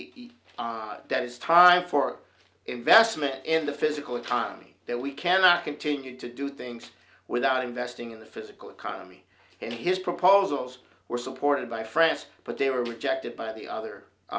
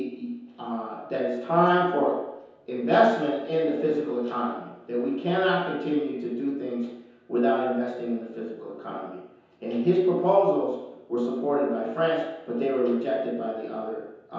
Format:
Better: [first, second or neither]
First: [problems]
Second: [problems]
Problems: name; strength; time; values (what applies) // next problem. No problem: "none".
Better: first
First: none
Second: room echo; dies away in 0.9 s